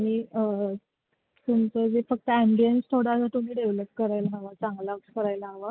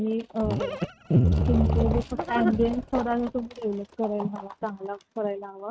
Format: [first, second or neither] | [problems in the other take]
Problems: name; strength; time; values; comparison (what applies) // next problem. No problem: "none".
first | noise reduction (neural mask model RNNoise)